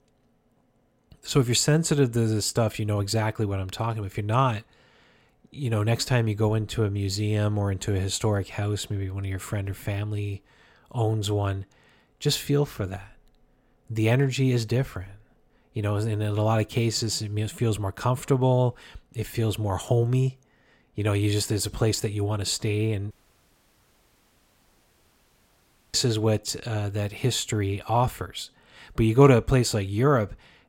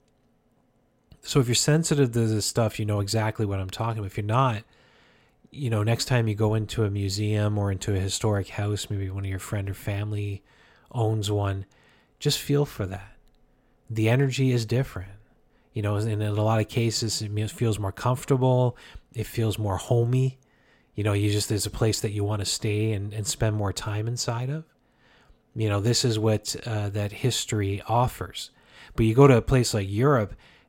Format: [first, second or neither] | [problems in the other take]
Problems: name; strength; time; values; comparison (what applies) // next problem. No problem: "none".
second | audio cutting out; at 23 s for 3 s